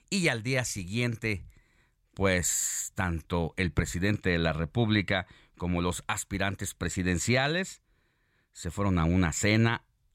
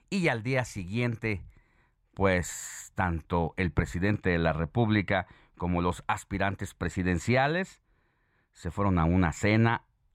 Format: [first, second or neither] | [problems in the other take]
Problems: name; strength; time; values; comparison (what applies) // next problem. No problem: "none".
first | muffled; slightly; fading above 3 kHz